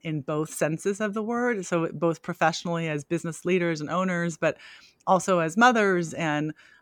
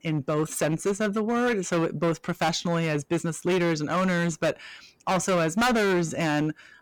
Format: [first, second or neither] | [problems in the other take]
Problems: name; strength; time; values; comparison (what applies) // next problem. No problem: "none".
first | distortion; heavy; 15% of the sound clipped